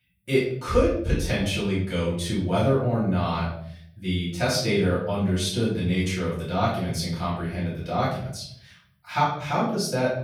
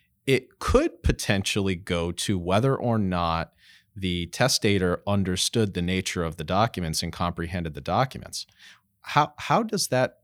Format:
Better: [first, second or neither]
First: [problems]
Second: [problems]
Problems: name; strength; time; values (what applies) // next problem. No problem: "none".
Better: second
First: off-mic speech; far // room echo; noticeable; dies away in 0.7 s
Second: none